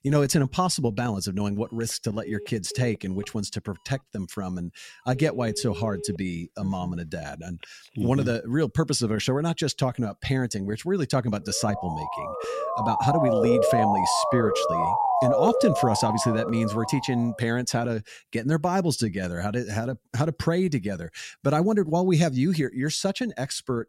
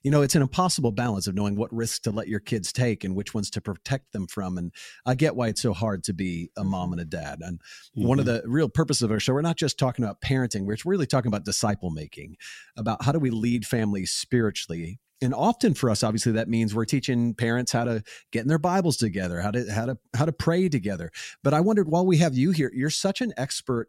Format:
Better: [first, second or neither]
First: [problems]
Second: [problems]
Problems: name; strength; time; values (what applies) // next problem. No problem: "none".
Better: second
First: phone ringing; faint; from 2 to 8 s; peak 10 dB below the speech // siren; loud; from 12 to 17 s; peak 5 dB above the speech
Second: none